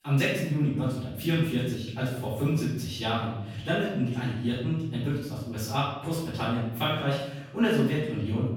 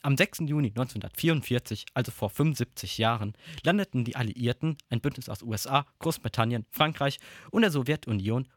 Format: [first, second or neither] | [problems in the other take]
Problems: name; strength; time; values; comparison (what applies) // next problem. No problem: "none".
second | off-mic speech; far // room echo; noticeable; dies away in 0.8 s